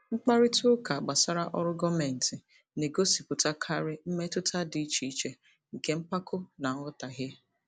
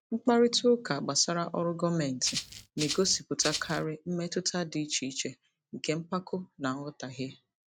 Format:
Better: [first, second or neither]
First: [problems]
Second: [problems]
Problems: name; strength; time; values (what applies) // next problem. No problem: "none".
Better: first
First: none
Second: noise reduction (neural mask model RNNoise)